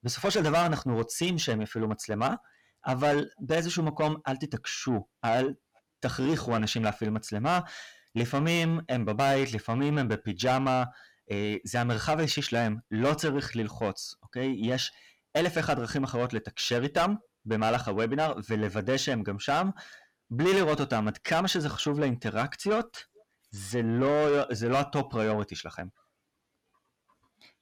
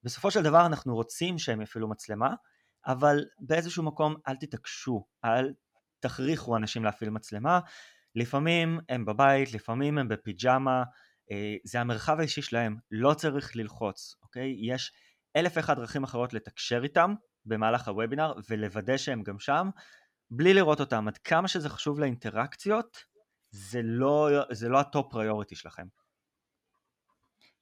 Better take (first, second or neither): second